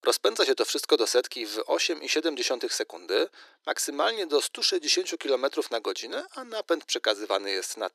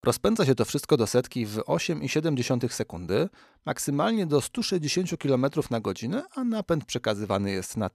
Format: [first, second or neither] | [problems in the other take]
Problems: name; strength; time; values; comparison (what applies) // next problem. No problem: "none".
second | thin; very; fading below 300 Hz